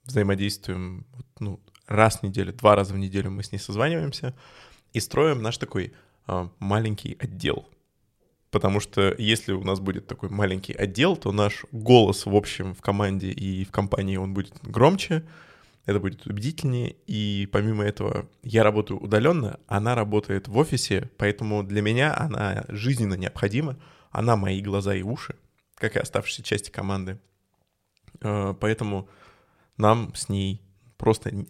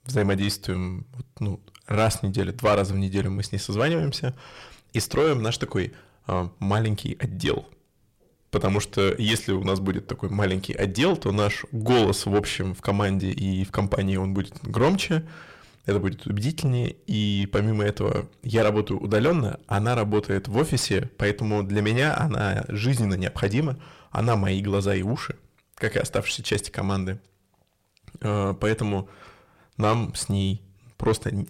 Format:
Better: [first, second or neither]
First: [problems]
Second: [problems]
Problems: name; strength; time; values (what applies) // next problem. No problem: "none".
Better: first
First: none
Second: distortion; heavy; 6 dB below the speech